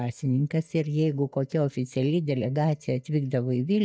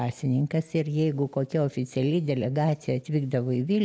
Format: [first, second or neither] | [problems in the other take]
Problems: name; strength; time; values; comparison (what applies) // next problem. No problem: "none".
second | noise reduction (neural mask model DeepFilterNet 3)